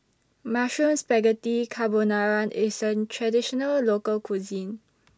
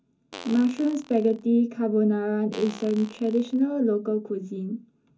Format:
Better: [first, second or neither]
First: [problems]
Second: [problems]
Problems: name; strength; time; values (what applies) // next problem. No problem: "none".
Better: first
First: none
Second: background sound (Fart); 20 dB below the speech // room echo; dies away in 0.3 s